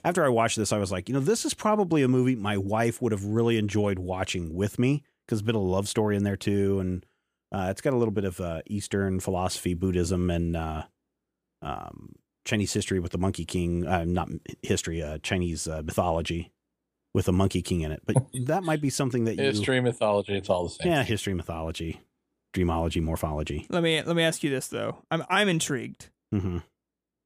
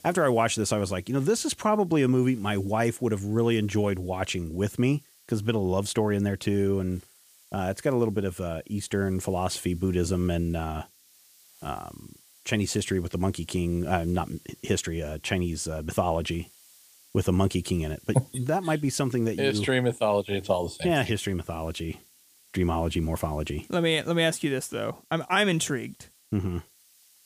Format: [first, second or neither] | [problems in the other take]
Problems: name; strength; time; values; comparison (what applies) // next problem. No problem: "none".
first | hiss; faint; throughout; 25 dB below the speech